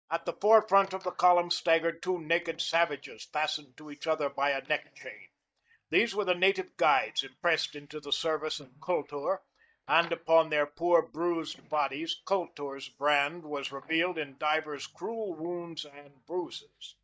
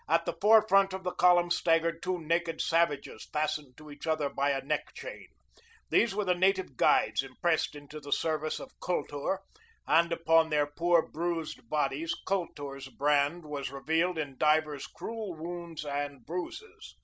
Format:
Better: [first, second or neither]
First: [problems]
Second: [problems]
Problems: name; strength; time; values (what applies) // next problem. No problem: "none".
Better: second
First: noise reduction (neural mask model DeepFilterNet 3)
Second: none